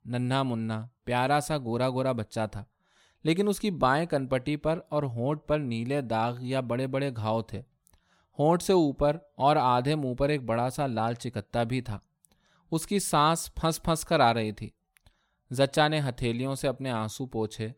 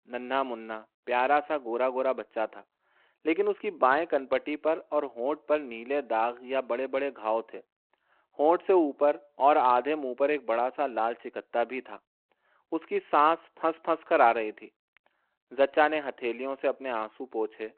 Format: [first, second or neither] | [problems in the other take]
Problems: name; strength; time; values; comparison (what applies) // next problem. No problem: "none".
first | phone-call audio